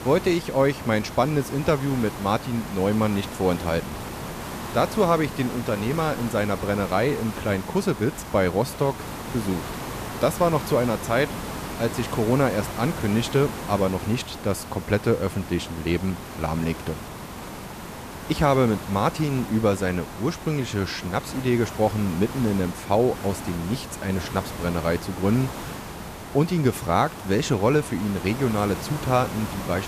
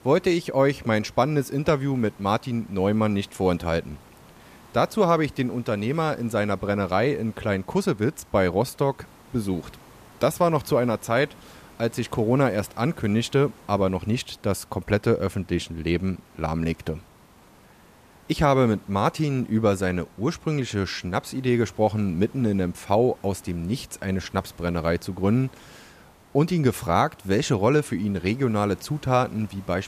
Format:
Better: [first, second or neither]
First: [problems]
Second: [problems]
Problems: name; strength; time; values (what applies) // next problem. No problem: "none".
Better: second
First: hiss; loud; throughout; 10 dB below the speech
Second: hiss; faint; throughout; 25 dB below the speech